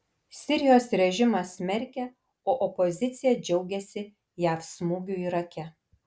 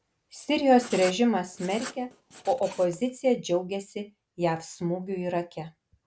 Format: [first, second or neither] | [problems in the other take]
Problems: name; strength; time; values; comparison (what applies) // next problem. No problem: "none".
first | background sound (Writing); 15 dB below the speech